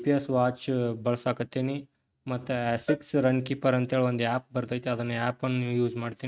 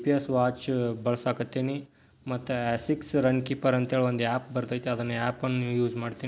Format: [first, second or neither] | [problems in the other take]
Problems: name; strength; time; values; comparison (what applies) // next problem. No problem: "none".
second | noise reduction (neural mask model RNNoise)